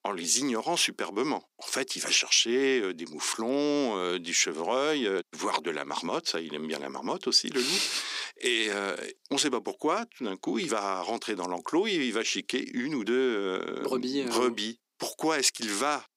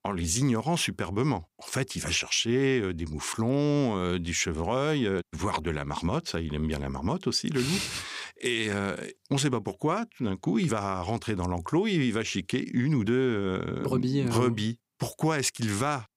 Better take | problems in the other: second | thin; very slightly; fading below 250 Hz

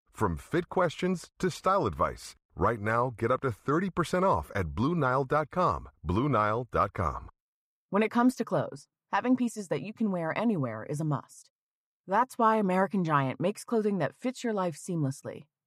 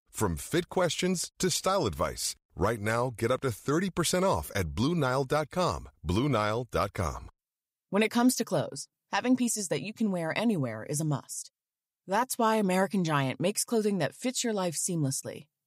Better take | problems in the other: second | muffled; very; fading above 3 kHz

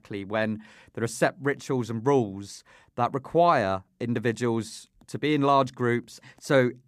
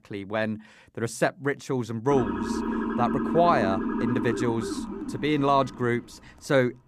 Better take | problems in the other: first | siren; noticeable; from 2 to 6 s; peak 1 dB below the speech

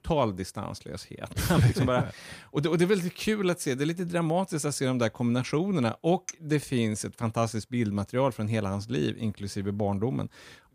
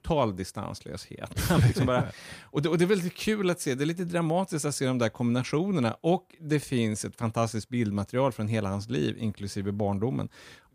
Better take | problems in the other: second | clattering dishes; very faint; at 6.5 s; peak 10 dB below the speech

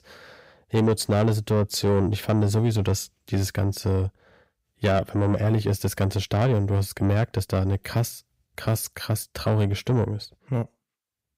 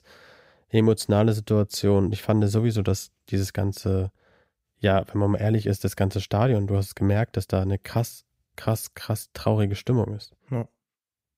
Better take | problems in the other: second | distortion; slight; 10 dB below the speech

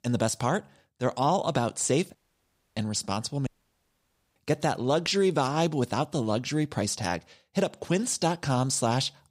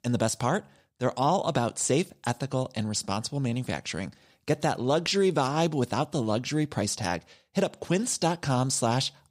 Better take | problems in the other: second | audio cutting out; at 2 s for 0.5 s and at 3.5 s for 1 s

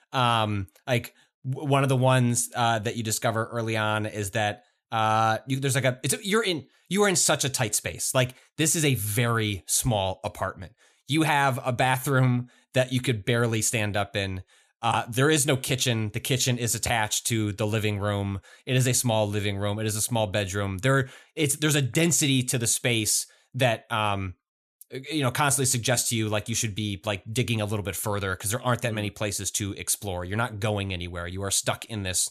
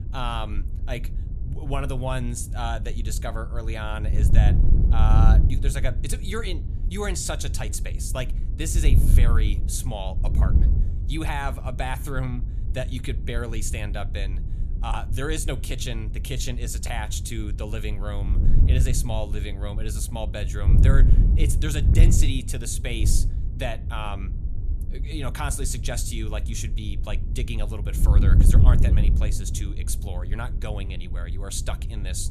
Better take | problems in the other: first | wind noise on the microphone; heavy; 8 dB below the speech

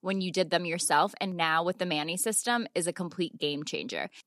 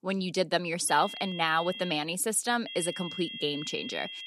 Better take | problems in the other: first | high-pitched whine; loud; from 1 to 2 s and from 2.5 s on; 3 kHz, 10 dB below the speech

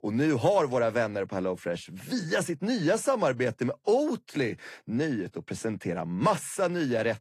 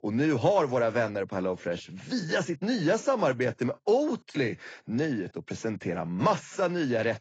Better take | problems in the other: first | garbled, watery; badly; nothing above 7.5 kHz; slightly in the first

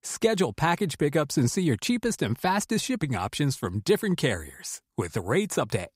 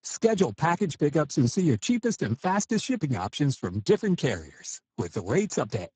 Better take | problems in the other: first | garbled, watery; badly; nothing above 7.5 kHz

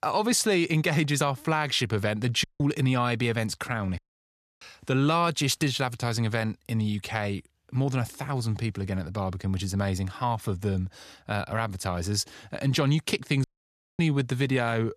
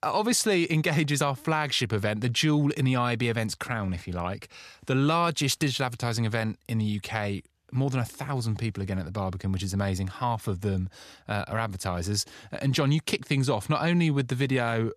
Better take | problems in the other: second | audio cutting out; at 2.5 s, at 4 s for 0.5 s and at 13 s for 0.5 s

